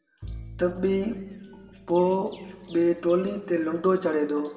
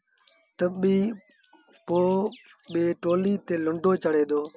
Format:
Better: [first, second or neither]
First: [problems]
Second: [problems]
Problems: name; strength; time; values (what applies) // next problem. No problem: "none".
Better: second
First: background sound (Bowed string instrument); 18 dB below the speech // room echo; dies away in 1.3 s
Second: none